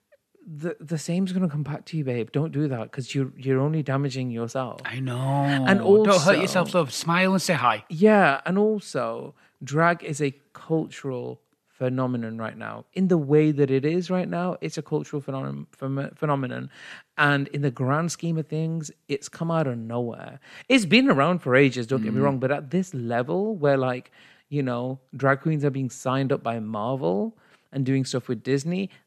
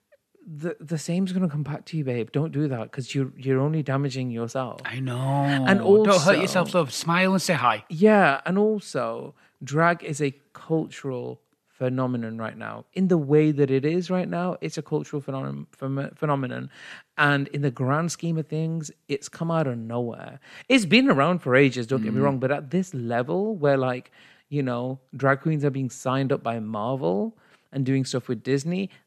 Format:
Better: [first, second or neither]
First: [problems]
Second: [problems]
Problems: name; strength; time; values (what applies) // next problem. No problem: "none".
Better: neither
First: none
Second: none